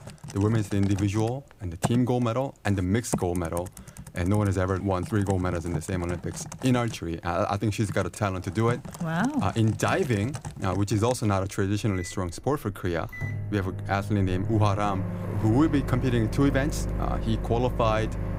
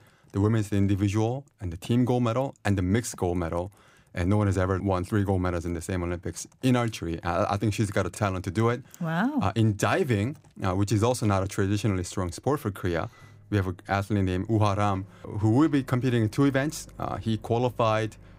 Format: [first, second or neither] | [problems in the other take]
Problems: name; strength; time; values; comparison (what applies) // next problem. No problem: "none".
second | household noises; loud; throughout; 8 dB below the speech; faint in the second